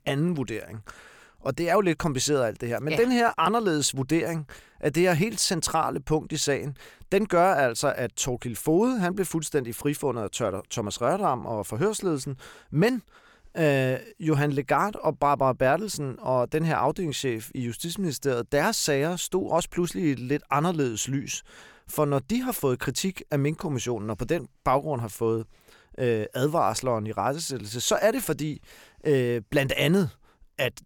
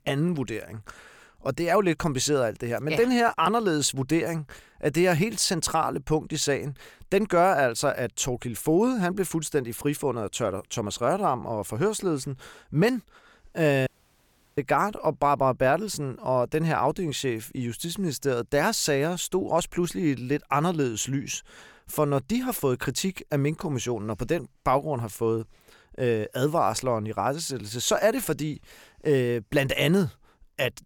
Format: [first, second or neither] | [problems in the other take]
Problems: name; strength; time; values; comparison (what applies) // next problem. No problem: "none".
first | audio cutting out; at 14 s for 0.5 s